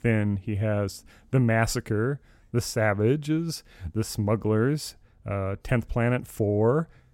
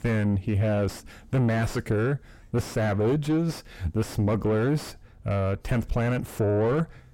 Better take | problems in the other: first | distortion; heavy; 4 dB below the speech

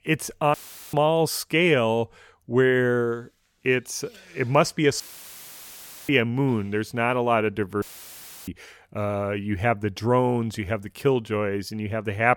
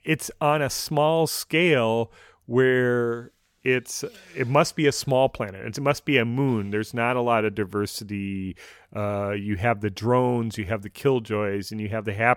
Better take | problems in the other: second | audio cutting out; filled with static; at 0.5 s, at 5 s for 1 s and at 8 s for 0.5 s

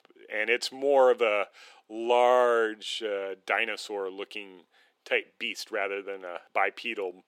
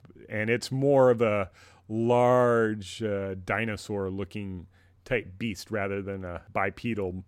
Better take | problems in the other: second | thin; very; fading below 350 Hz

